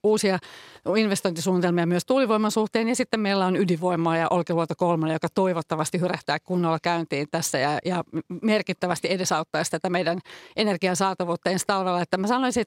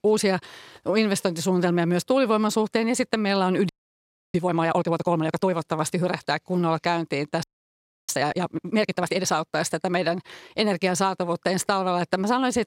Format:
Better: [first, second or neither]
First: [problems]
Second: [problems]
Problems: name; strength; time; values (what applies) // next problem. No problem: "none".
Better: first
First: none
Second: audio freezing; at 3.5 s for 0.5 s and at 7.5 s for 0.5 s